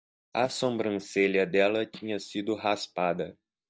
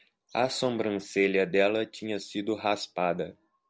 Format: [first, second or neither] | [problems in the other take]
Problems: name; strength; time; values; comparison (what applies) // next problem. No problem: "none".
second | noise reduction (neural mask model DeepFilterNet 3)